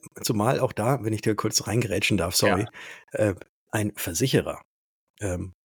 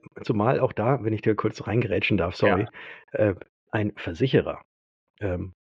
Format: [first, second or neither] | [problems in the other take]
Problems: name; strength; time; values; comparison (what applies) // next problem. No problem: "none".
first | muffled; very; fading above 3 kHz